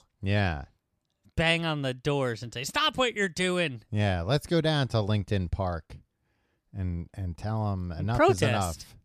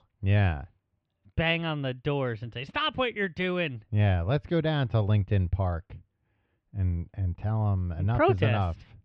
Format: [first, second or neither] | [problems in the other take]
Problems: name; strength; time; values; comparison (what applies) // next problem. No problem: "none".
first | muffled; very; fading above 3 kHz